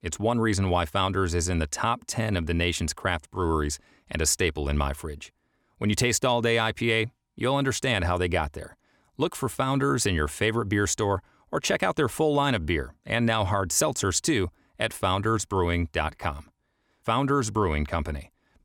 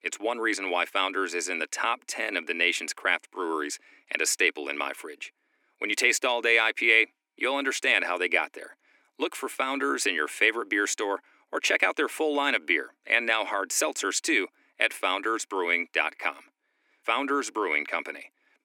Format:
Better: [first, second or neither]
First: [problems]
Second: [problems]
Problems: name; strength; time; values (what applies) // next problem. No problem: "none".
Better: first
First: none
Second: thin; somewhat; fading below 300 Hz